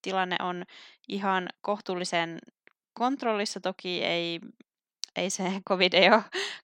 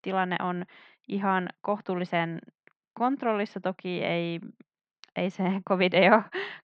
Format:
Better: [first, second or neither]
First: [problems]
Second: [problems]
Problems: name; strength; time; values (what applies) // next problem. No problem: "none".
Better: first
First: none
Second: muffled; very; fading above 2.5 kHz